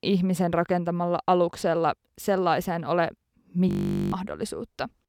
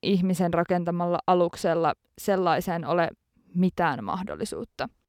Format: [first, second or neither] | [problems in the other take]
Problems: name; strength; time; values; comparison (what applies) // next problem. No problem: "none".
second | audio freezing; at 3.5 s